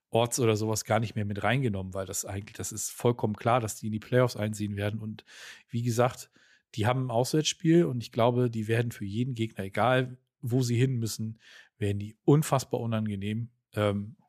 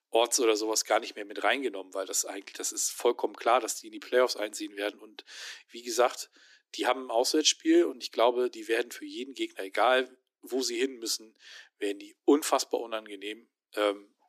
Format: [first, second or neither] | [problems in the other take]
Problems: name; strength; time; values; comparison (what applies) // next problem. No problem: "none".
first | thin; somewhat; fading below 300 Hz